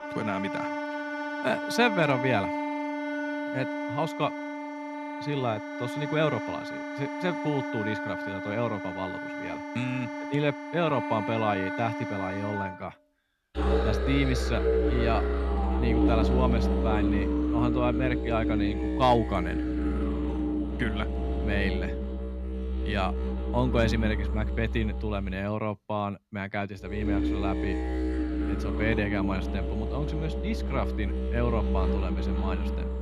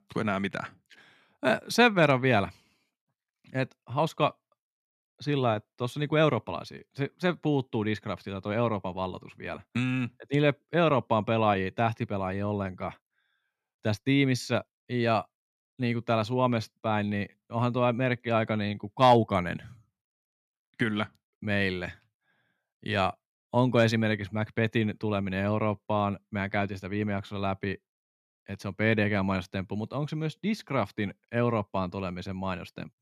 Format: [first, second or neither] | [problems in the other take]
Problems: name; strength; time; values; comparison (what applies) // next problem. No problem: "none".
second | background music; very loud; throughout; as loud as the speech